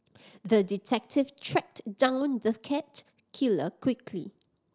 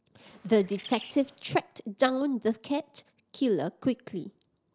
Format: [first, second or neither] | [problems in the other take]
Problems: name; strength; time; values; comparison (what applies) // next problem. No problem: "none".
first | background sound (Bird); 18 dB below the speech